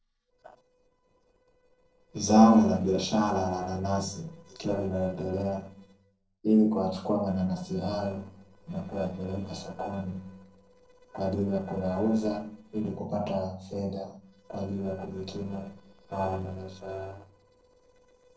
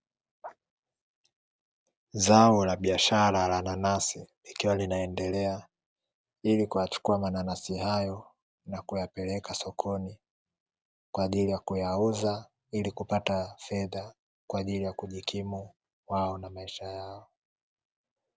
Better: second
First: noise reduction (neural separator model SepFormer DNS4)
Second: none

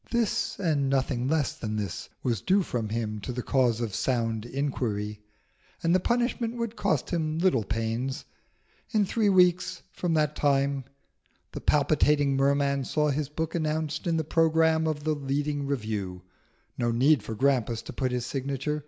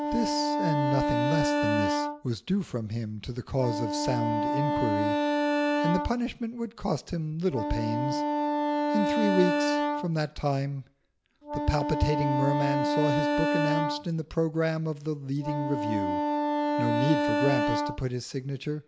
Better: first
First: none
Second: background sound (Wind instrument, woodwind instrument); 1 dB above the speech

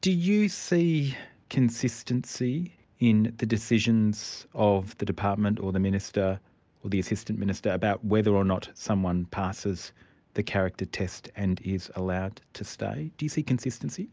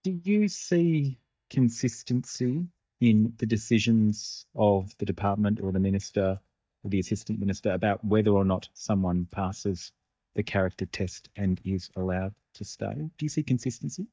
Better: first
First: none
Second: noise reduction (neural mask model DeepFilterNet 3)

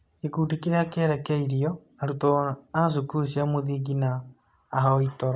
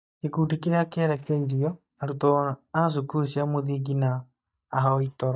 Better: first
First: none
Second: noise reduction (neural mask model DeepFilterNet 3)

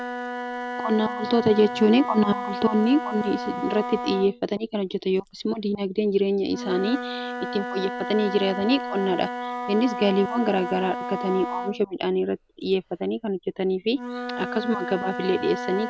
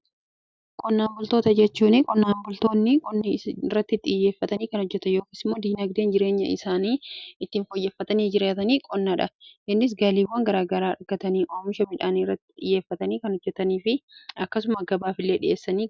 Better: second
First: background sound (Wind instrument, woodwind instrument); 8 dB below the speech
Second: none

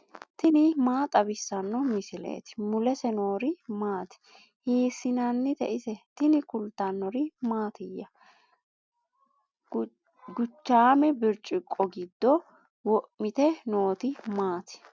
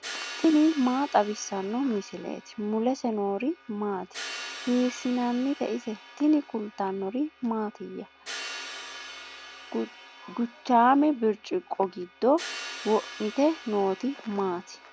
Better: first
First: none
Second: background sound (Crash cymbal); 15 dB below the speech

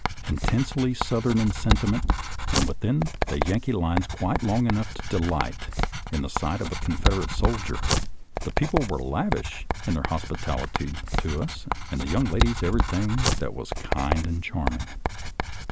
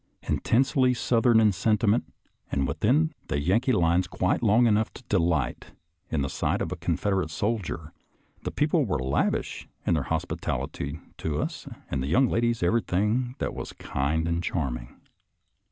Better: second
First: background sound (Writing); as loud as the speech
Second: none

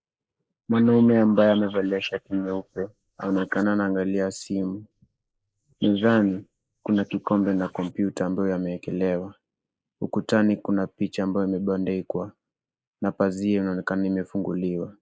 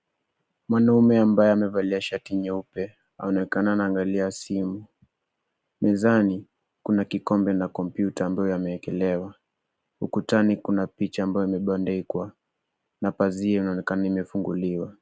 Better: second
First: noise reduction (neural mask model Resemble Enhance denoiser)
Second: none

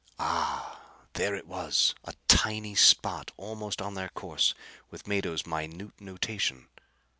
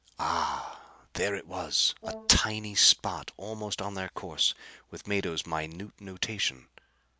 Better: first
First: none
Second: background sound (Brass instrument); 16 dB below the speech

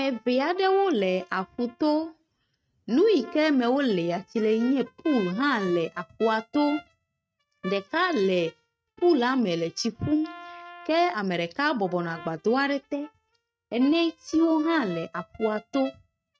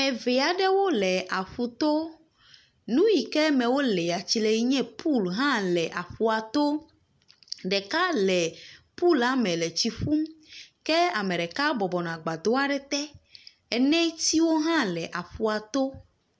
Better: second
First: noise reduction (neural mask model RNNoise)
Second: none

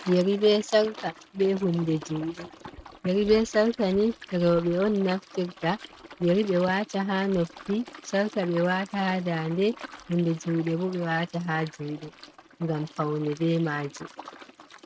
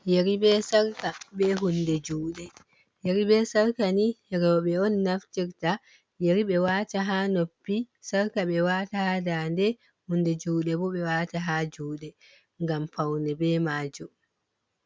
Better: second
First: noise reduction (neural mask model RNNoise)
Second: none

